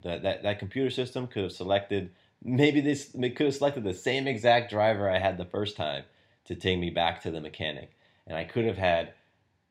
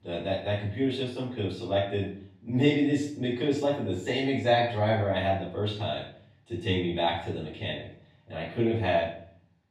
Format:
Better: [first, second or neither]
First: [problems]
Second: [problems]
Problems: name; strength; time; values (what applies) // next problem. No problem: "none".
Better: first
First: none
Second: room echo; noticeable; dies away in 0.5 s // off-mic speech; far